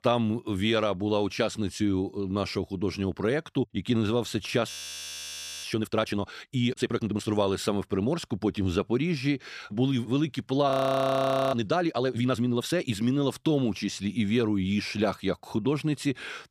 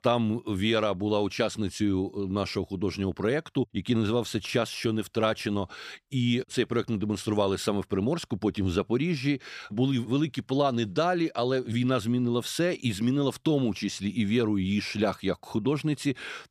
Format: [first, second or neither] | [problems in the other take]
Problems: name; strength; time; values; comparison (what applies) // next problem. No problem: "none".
second | audio freezing; at 4.5 s for 1 s and at 11 s for 1 s